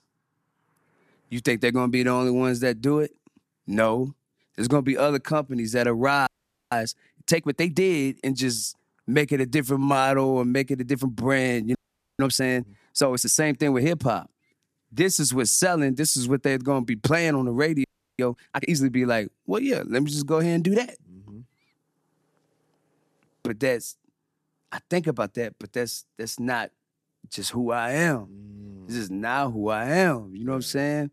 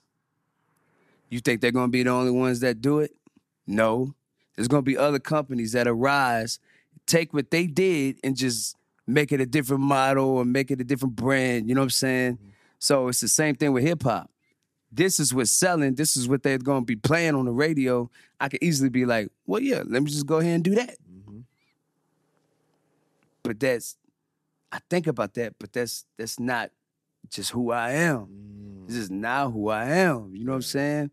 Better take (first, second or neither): second